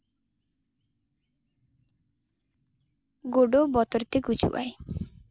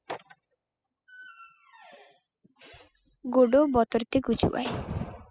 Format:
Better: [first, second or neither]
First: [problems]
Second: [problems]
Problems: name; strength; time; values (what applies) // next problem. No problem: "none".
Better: first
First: none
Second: noise reduction (classical method spectral subtraction)